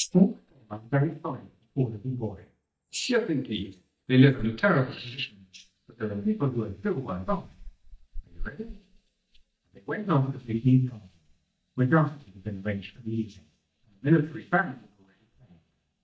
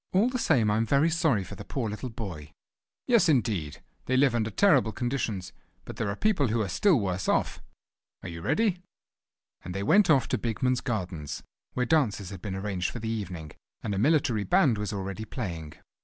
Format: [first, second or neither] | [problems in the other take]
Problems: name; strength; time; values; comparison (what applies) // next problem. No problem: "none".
second | noise reduction (neural mask model DeepFilterNet 3)